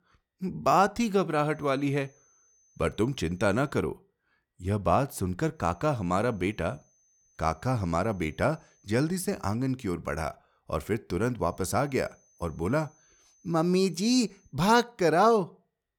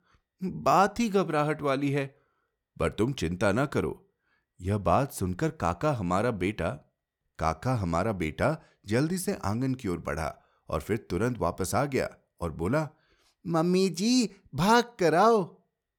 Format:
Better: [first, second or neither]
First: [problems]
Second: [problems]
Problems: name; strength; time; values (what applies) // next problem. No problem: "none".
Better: second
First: high-pitched whine; faint; from 1.5 to 3.5 s, from 5.5 to 9.5 s and from 11 to 14 s; 6 kHz, 35 dB below the speech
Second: none